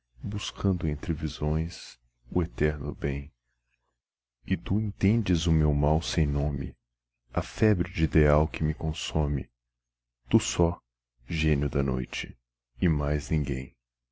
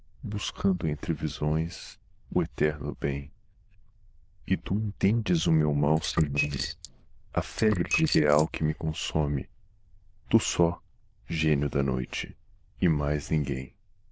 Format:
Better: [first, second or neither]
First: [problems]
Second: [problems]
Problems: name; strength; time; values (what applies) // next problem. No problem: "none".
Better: first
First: none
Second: noise reduction (neural diffusion model UNIVERSE++)